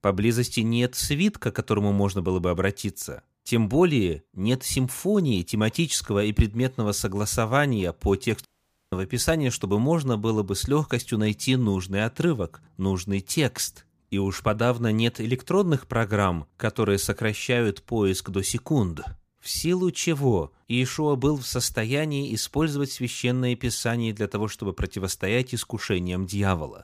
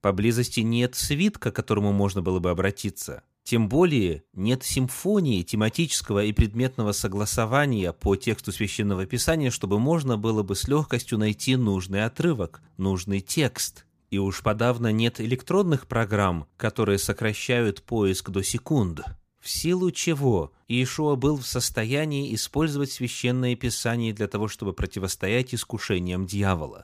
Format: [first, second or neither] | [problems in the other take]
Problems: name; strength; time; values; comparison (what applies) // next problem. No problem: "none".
second | audio cutting out; at 8.5 s